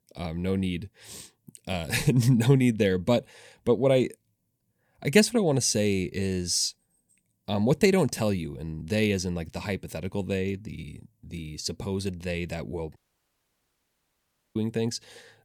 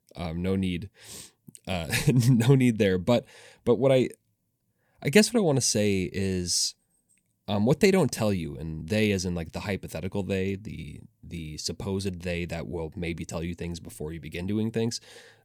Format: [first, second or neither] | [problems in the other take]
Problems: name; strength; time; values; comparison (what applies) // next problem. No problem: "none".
second | audio cutting out; at 13 s for 1.5 s